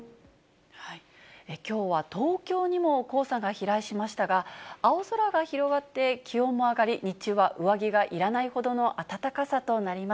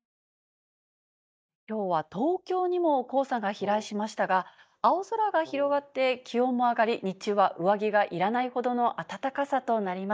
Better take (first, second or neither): first